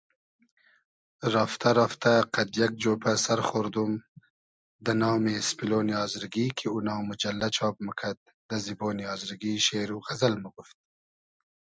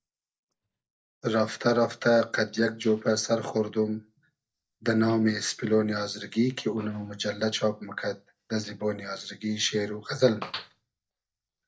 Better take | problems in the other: first | noise reduction (neural mask model DeepFilterNet 3)

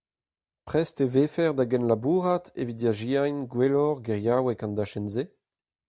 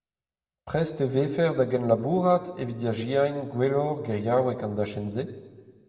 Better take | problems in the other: first | room echo; dies away in 1.3 s

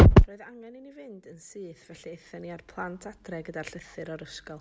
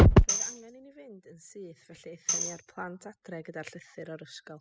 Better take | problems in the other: first | noise reduction (classical method spectral subtraction)

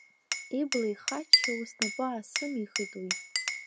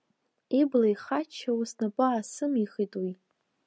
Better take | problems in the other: second | background sound (Glass); 3 dB above the speech

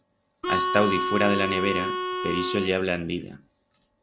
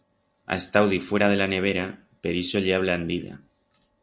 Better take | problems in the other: second | background sound (Harmonica); as loud as the speech

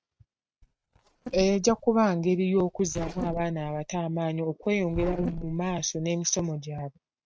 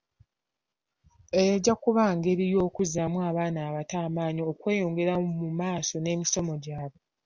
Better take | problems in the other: second | noise reduction (neural mask model RNNoise)

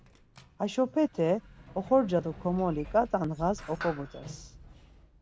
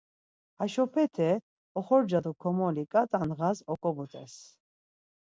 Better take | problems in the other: second | background sound (Sliding door); 17 dB below the speech

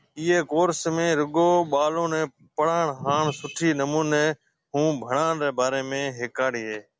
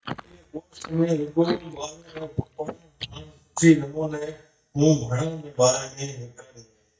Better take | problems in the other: first | noise reduction (neural mask model DeepFilterNet 3)

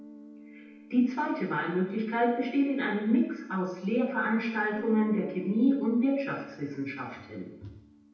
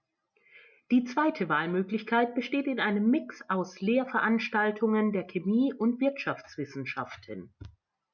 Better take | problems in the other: second | background sound (Guitar); 19 dB below the speech // room echo; dies away in 0.8 s

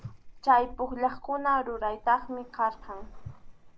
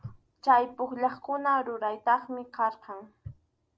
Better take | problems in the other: second | background sound (Sliding door); 15 dB below the speech

